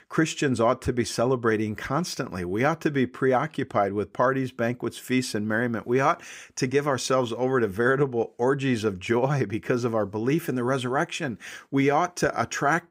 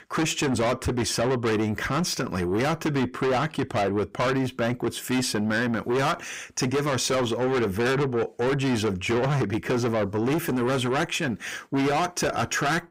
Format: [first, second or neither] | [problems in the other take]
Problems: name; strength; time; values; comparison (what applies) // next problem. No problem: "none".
first | distortion; heavy; 6 dB below the speech